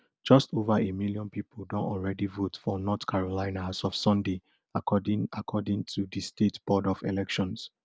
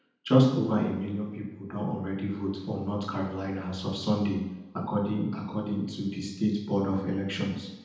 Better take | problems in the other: first | room echo; dies away in 0.9 s

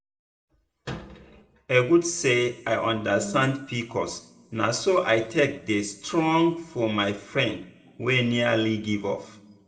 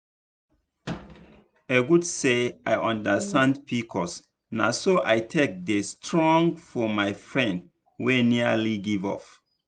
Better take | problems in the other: second | room echo; dies away in 0.6 s

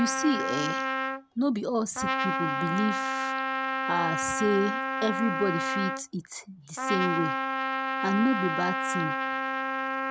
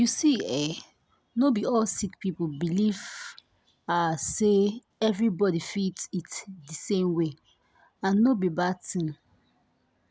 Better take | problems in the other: second | background sound (Trumpet); as loud as the speech

